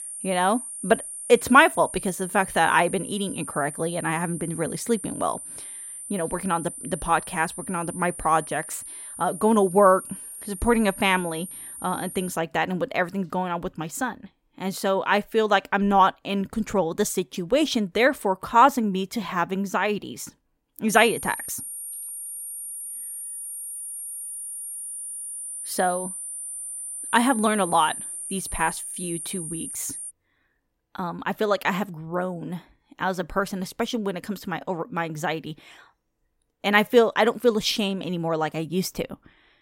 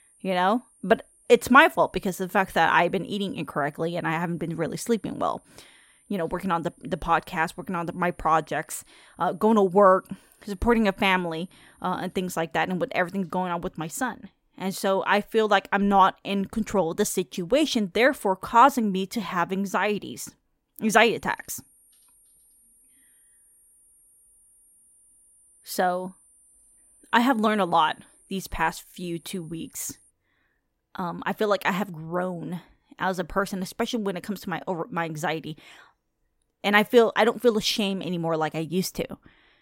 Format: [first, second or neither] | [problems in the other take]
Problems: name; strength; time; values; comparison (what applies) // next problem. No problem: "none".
second | high-pitched whine; loud; until 12 s and from 21 to 30 s; 9 kHz, 9 dB below the speech; faint in the second